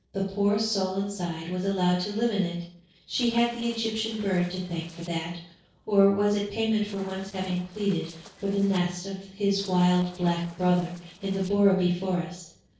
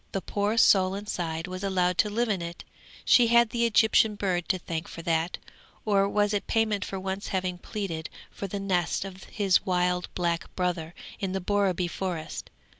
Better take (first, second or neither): second